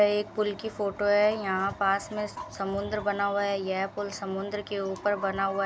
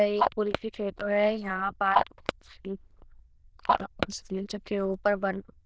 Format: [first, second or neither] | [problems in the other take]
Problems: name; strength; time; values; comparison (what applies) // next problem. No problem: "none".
first | noise reduction (neural diffusion model UNIVERSE++)